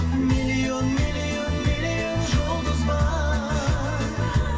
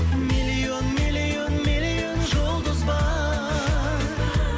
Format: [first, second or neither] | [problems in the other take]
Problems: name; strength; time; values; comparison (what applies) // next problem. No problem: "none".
second | background sound (Trumpet); 18 dB below the speech // room echo; dies away in 0.2 s